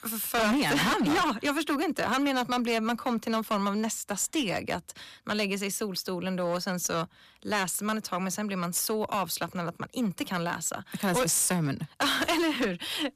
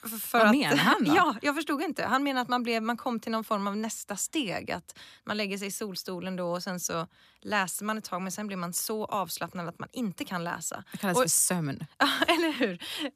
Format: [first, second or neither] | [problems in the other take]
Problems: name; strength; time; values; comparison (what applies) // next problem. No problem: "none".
second | distortion; heavy; 12% of the sound clipped